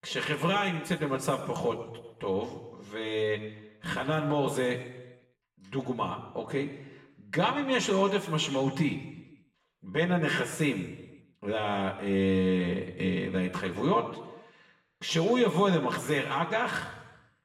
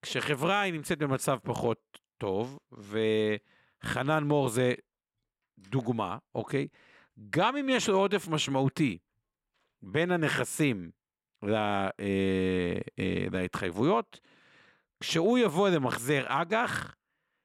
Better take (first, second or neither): second